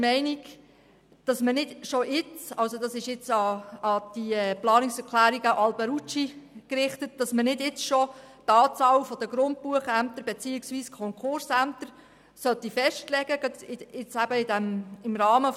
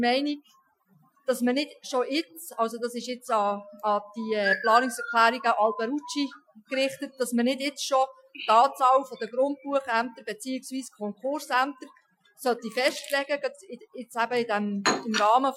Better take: first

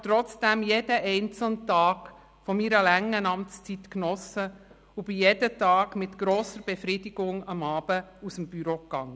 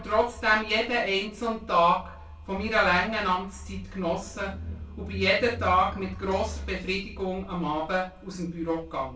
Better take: first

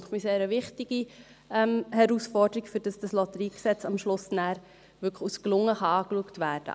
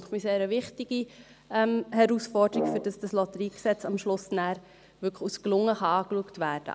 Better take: first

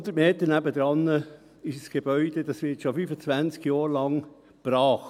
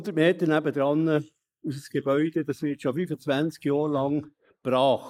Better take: first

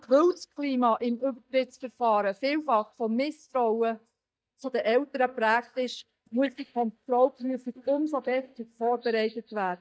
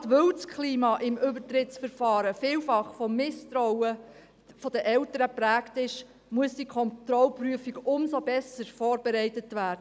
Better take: second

